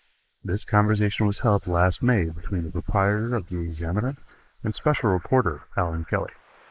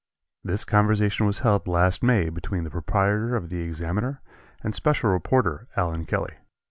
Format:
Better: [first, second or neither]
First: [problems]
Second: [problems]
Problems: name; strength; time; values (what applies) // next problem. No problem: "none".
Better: second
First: noise reduction (neural mask model Resemble Enhance denoiser)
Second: none